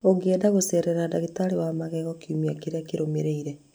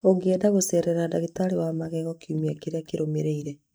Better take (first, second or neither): first